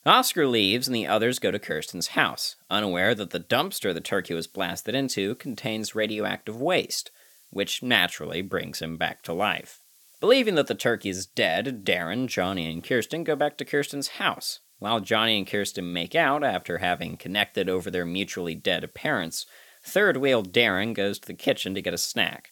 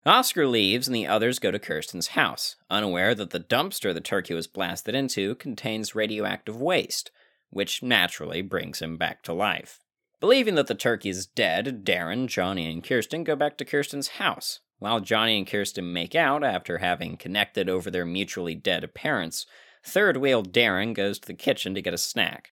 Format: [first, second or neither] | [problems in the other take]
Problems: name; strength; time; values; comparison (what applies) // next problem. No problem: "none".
second | hiss; faint; throughout; 30 dB below the speech